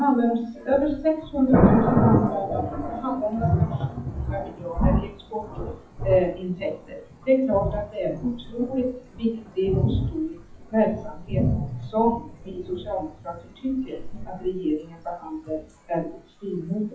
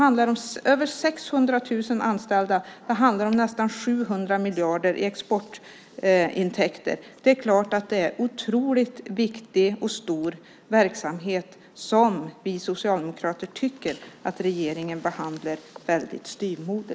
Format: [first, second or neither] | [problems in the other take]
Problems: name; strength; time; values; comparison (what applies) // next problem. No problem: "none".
second | noise reduction (classical method WPE with log-MMSE)